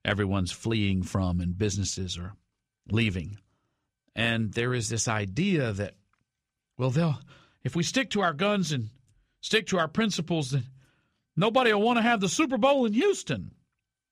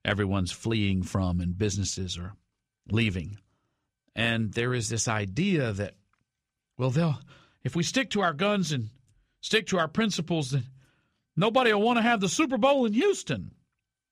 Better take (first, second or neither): neither